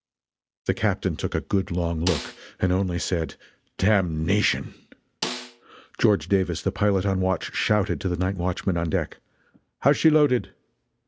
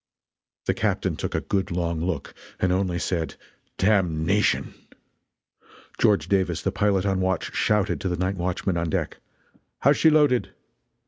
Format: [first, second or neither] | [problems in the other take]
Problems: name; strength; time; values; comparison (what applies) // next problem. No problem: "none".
second | background sound (Snare drum); 11 dB below the speech